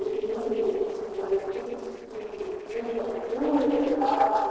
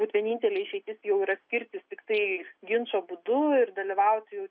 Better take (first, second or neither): second